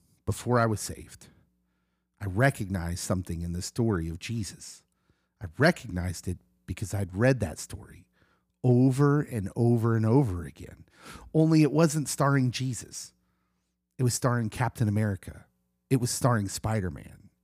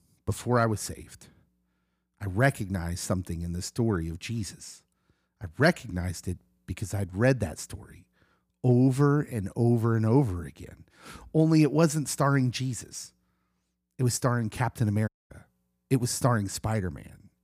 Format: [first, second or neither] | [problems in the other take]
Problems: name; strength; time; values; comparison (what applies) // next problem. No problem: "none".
first | audio cutting out; at 15 s